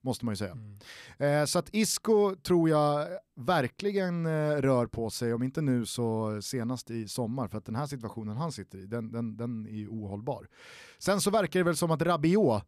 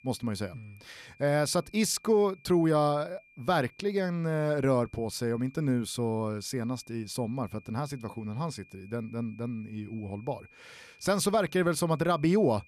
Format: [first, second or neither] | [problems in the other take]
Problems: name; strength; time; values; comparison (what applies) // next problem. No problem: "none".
first | high-pitched whine; faint; throughout; 2.5 kHz, 25 dB below the speech